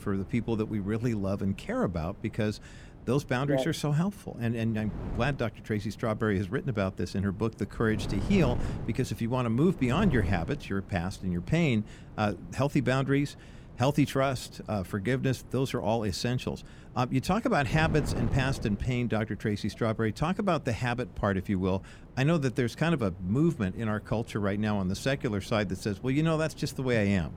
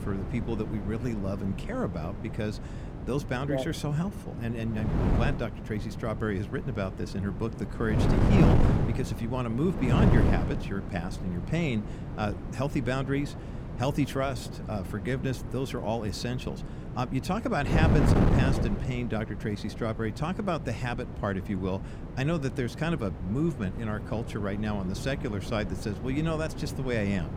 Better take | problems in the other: first | wind noise on the microphone; heavy; 4 dB below the speech; occasional gusts in the first

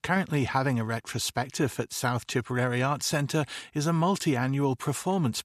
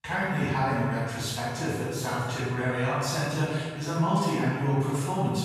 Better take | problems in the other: first | room echo; strong; dies away in 1.4 s // off-mic speech; far

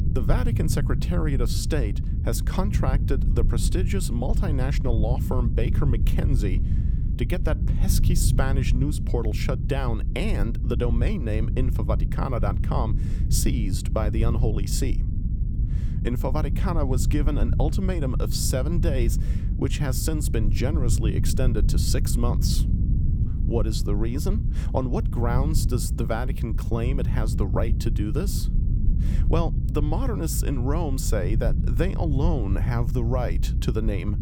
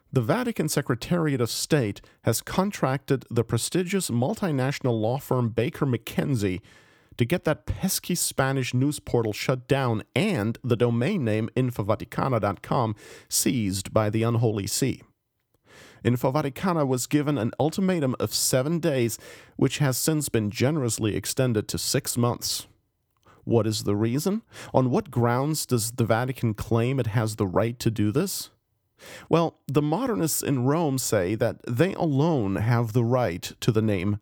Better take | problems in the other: second | low rumble; loud; throughout; 8 dB below the speech

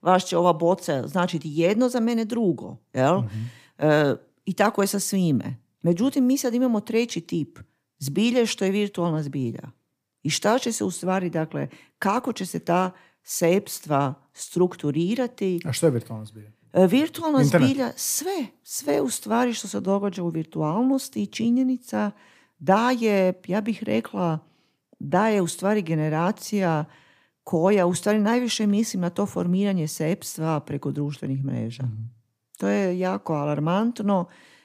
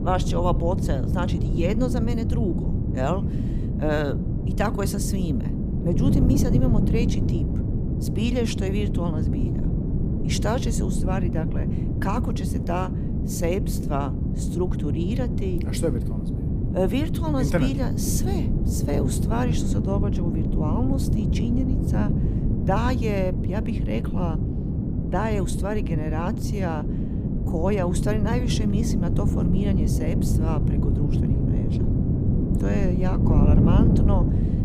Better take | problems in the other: first | wind noise on the microphone; heavy; 3 dB below the speech

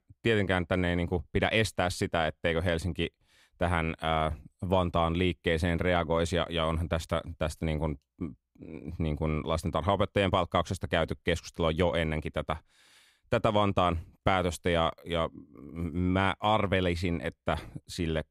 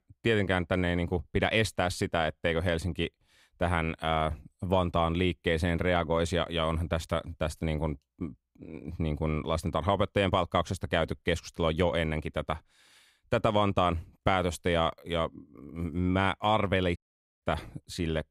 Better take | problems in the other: first | audio cutting out; at 17 s

